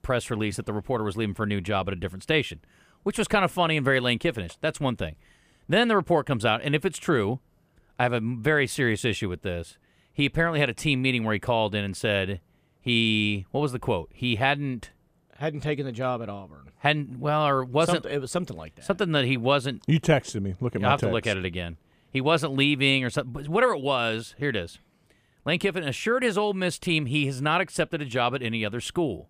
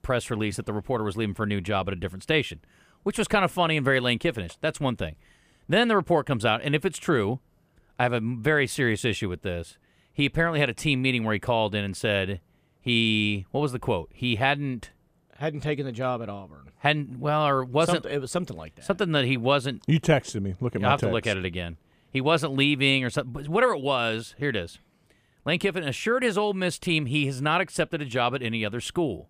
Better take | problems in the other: neither | none

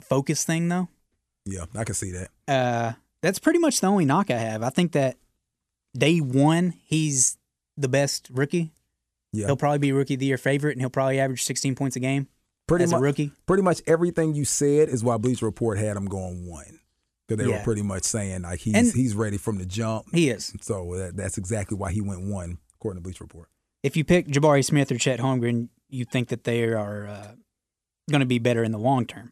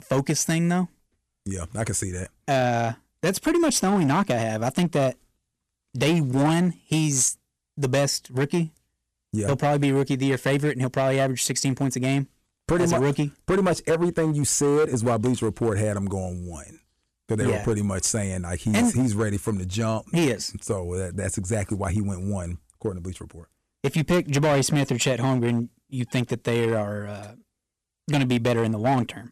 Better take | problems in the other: first | distortion; slight; 8% of the sound clipped

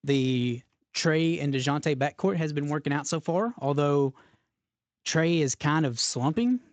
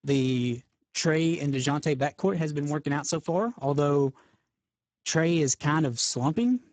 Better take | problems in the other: first | garbled, watery; badly; nothing above 7.5 kHz; slightly in the first

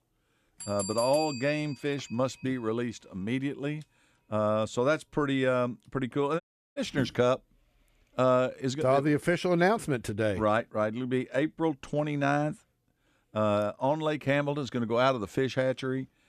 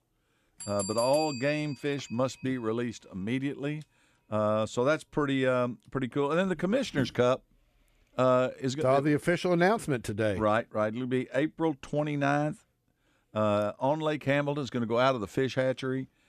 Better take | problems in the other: second | audio cutting out; at 6.5 s

